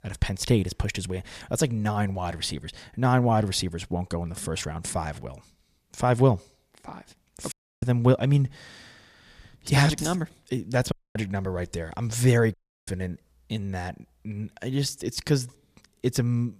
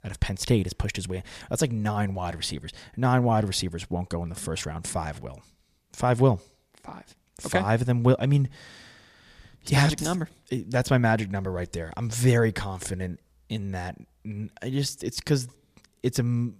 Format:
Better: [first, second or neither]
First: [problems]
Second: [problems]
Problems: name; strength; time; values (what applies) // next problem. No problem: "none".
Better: second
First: audio cutting out; at 7.5 s, at 11 s and at 13 s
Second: none